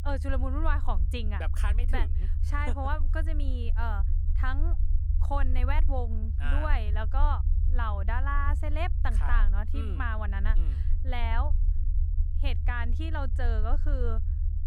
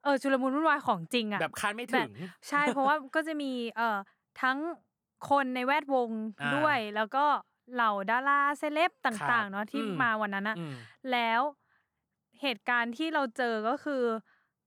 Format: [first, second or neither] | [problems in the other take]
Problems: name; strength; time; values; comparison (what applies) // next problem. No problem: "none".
second | low rumble; noticeable; throughout; 15 dB below the speech